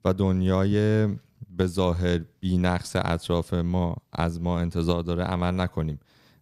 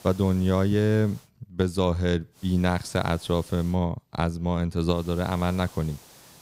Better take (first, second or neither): first